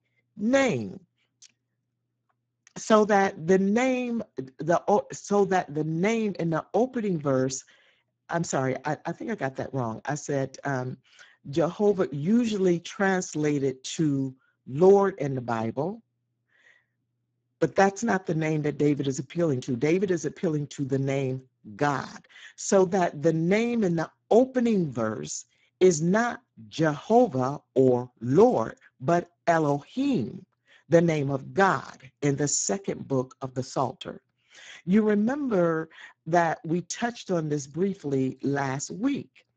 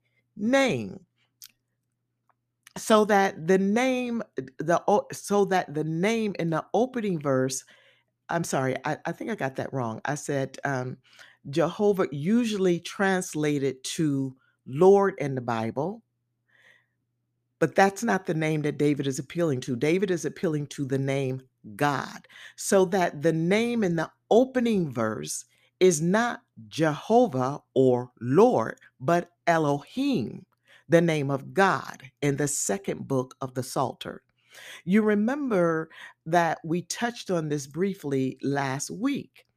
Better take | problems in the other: second | garbled, watery; badly; nothing above 7.5 kHz

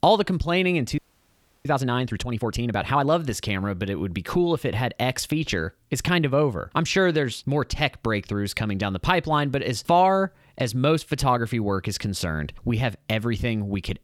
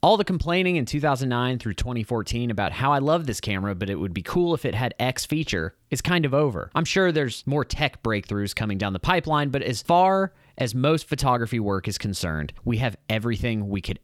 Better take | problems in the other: second | audio freezing; at 1 s for 0.5 s

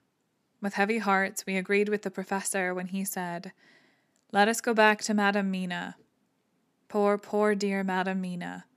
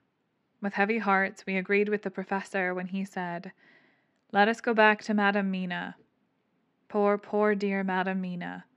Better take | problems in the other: first | muffled; slightly; fading above 3 kHz

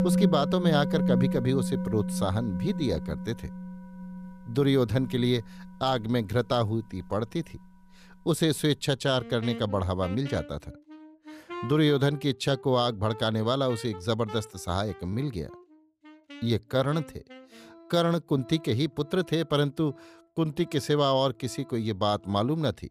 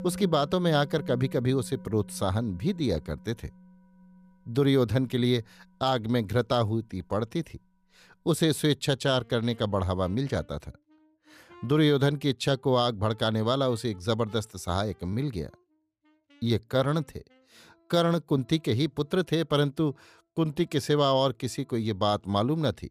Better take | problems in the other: second | background music; loud; throughout; 7 dB below the speech; faint in the second

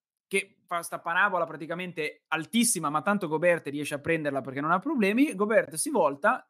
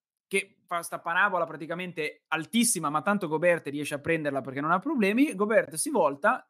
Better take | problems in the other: neither | none

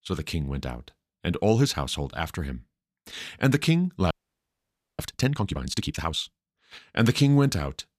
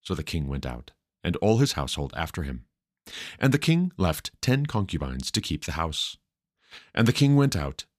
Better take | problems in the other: second | audio freezing; at 4 s for 1 s

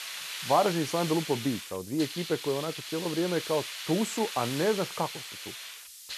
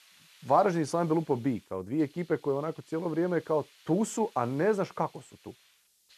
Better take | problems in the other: second | hiss; loud; throughout; 7 dB below the speech; faint in the second

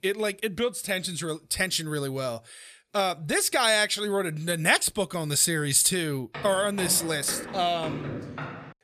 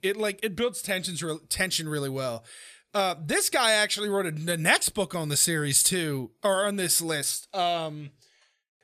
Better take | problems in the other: second | footsteps; noticeable; from 6.5 s on; peak 9 dB below the speech

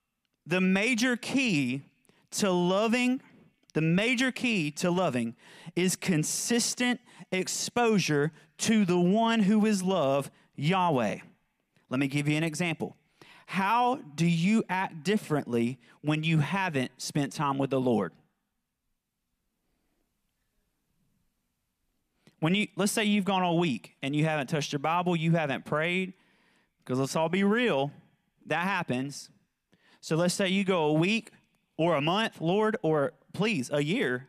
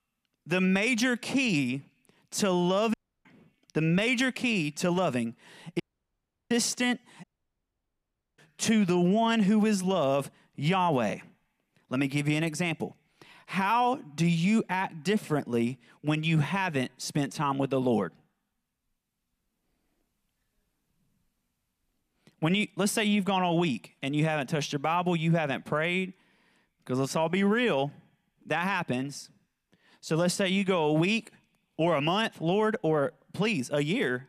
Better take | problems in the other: first | audio cutting out; at 3 s, at 6 s for 0.5 s and at 7 s for 1 s

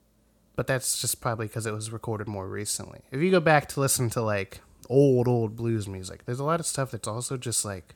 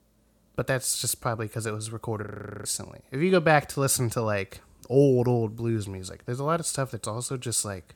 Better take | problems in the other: first | audio freezing; at 2.5 s

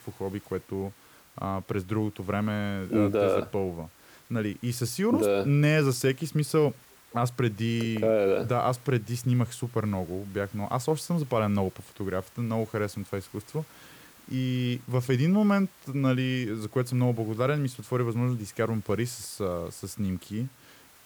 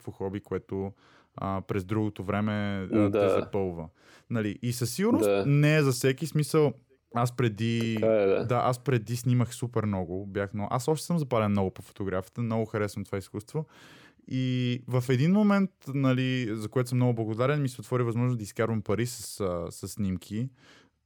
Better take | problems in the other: second | hiss; faint; throughout; 25 dB below the speech

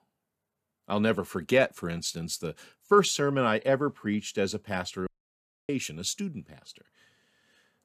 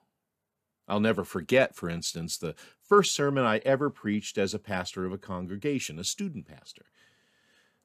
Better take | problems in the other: second | audio cutting out; at 5 s for 0.5 s

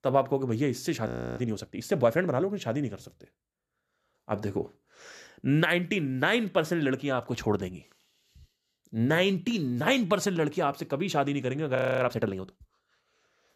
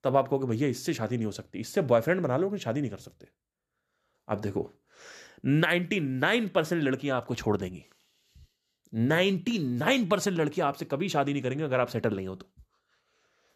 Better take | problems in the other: second | audio freezing; at 1 s and at 12 s

